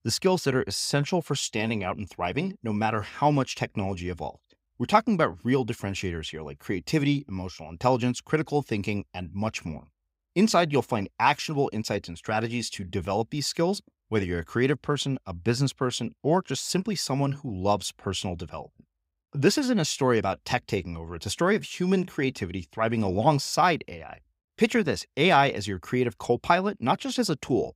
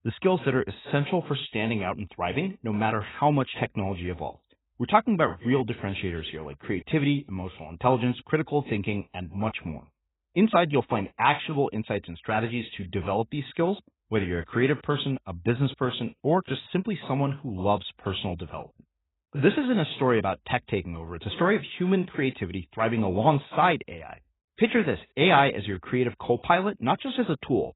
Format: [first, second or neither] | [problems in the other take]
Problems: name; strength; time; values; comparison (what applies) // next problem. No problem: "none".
first | garbled, watery; badly; nothing above 4 kHz